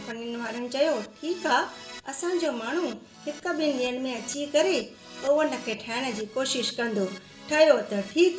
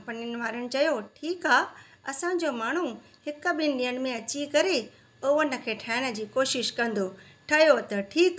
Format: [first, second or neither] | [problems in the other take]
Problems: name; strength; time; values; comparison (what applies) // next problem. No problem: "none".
second | background sound (Keyboard (musical)); 18 dB below the speech // room echo; dies away in 0.4 s